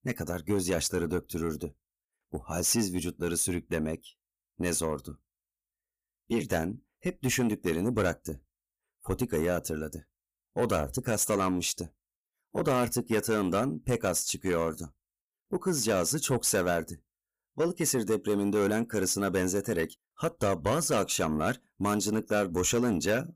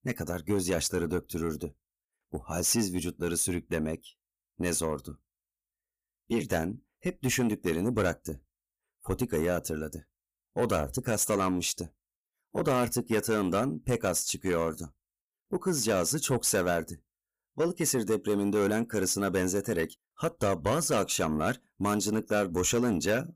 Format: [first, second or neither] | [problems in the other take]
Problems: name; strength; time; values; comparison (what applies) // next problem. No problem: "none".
neither | distortion; slight; 10 dB below the speech; the same in both